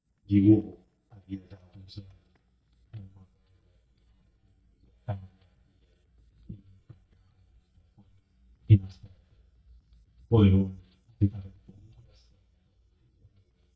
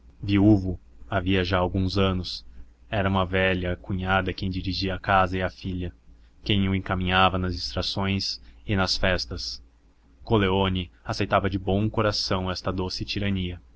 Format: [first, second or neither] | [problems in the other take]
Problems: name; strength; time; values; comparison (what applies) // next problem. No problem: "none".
second | noise reduction (neural mask model DeepFilterNet 3)